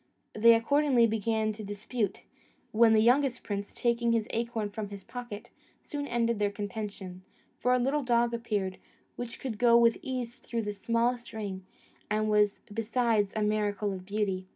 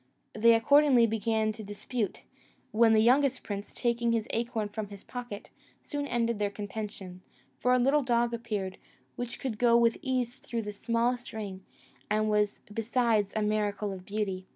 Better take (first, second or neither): second